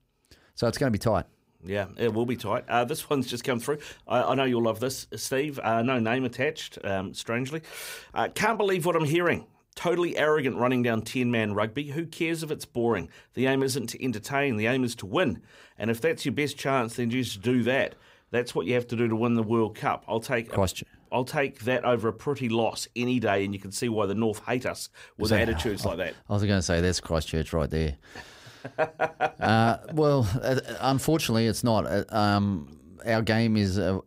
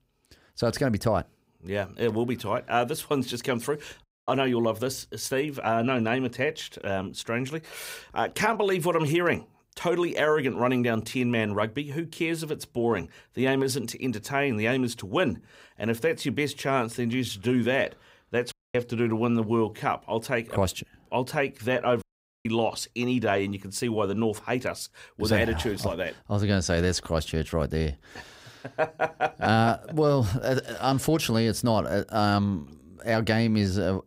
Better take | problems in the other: first | audio cutting out; at 4 s, at 19 s and at 22 s

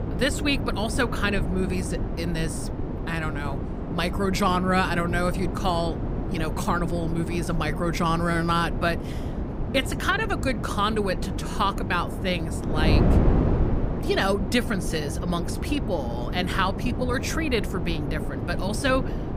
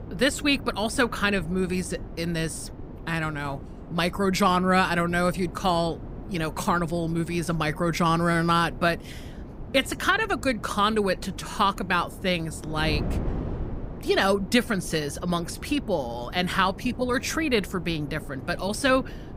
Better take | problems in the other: second | wind noise on the microphone; heavy; 8 dB below the speech; occasional gusts in the second

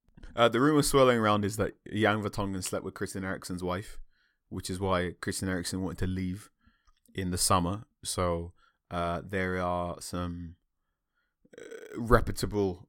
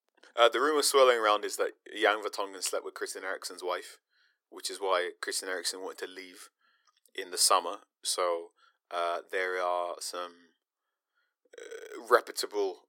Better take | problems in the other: first | thin; very; fading below 350 Hz

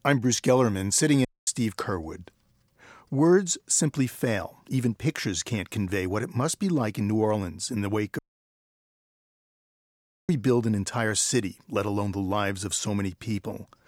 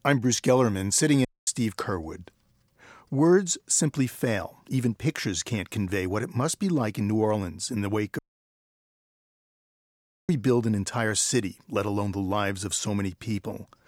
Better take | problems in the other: neither | audio cutting out; at 1.5 s and at 8 s for 2 s; the same in both

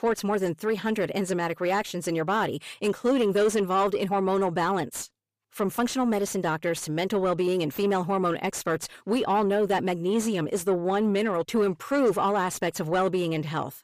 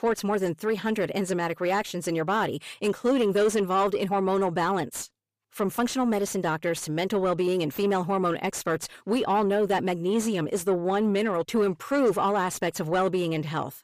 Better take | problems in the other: neither | distortion; slight; 10 dB below the speech; the same in both

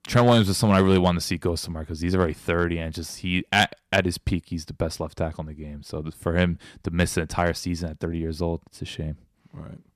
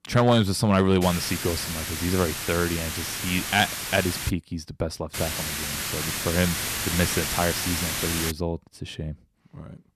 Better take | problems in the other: first | hiss; loud; from 1 to 4.5 s and from 5 to 8.5 s; 2 dB below the speech

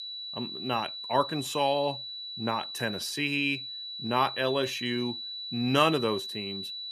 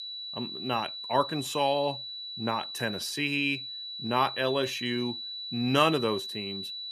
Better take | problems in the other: neither | high-pitched whine; loud; throughout; 4 kHz, 6 dB below the speech; the same in both

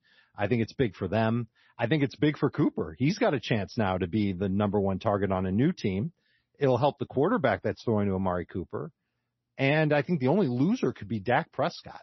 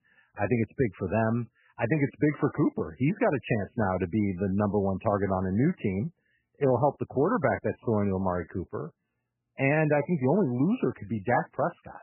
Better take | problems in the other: first | garbled, watery; badly; nothing above 2.5 kHz; slightly in the first

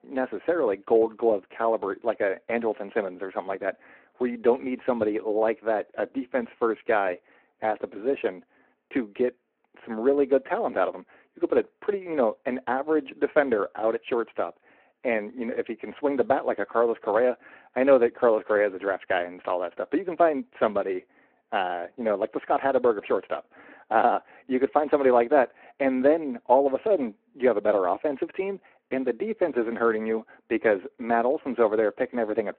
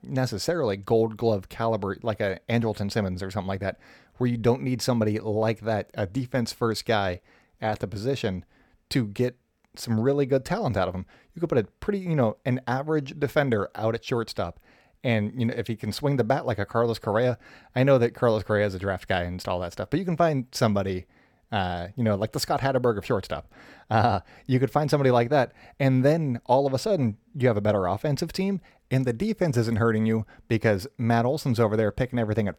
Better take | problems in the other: second | phone-call audio

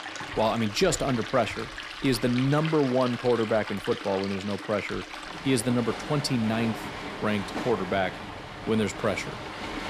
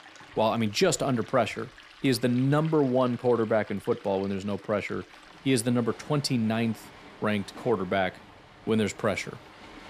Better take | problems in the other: second | rain or running water; loud; throughout; 9 dB below the speech; faint in the second

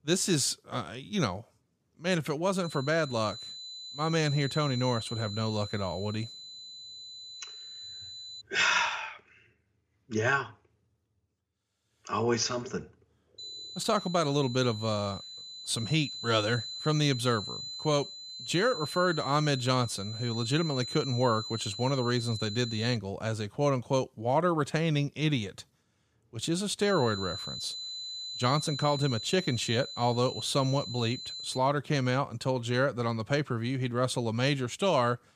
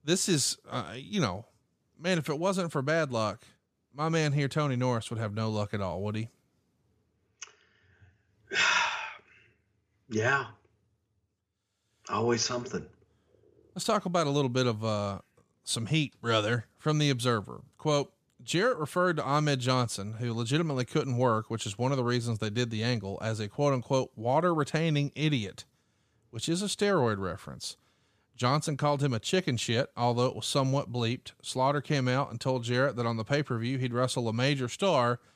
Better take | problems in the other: second | high-pitched whine; loud; from 2.5 to 8.5 s, from 13 to 23 s and from 27 to 32 s; 4 kHz, 9 dB below the speech

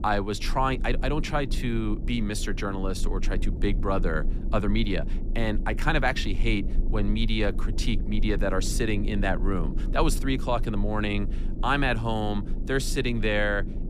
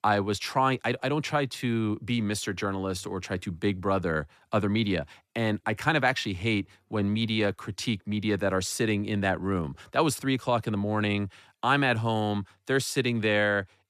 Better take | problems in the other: second | low rumble; noticeable; throughout; 15 dB below the speech

